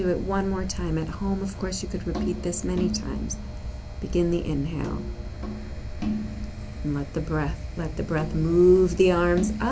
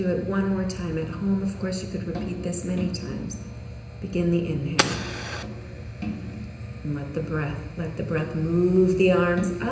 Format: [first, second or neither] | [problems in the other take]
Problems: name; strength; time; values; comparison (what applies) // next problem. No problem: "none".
first | background sound (Fire); 6 dB below the speech // room echo; dies away in 0.9 s